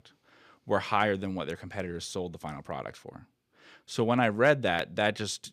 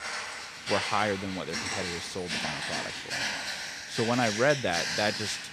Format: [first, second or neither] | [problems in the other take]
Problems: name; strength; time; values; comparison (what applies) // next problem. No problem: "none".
first | footsteps; loud; peak 1 dB above the speech